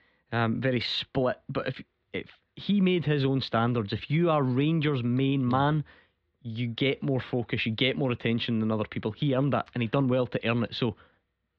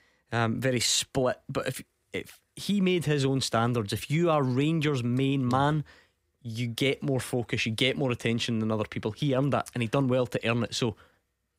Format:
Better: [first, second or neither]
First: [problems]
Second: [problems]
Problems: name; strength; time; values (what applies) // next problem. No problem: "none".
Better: second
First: muffled; slightly; fading above 4 kHz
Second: none